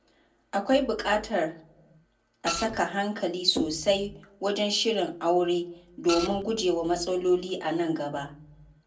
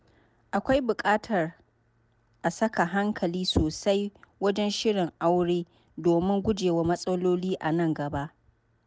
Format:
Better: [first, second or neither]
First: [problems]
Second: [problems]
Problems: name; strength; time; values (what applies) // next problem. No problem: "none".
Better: second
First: background sound (Printer); 5 dB below the speech // room echo; dies away in 0.2 s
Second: none